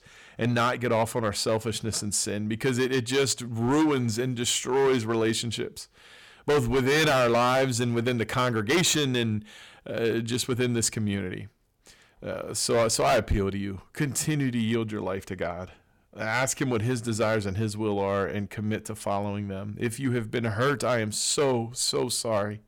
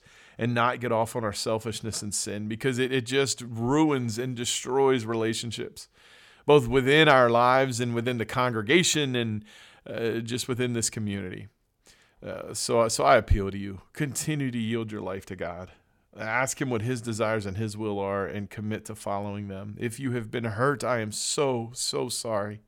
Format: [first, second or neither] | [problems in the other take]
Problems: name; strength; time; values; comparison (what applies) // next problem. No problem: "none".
second | distortion; heavy; 7% of the sound clipped